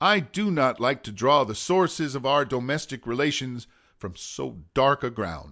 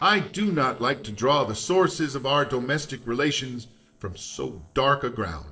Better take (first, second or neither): first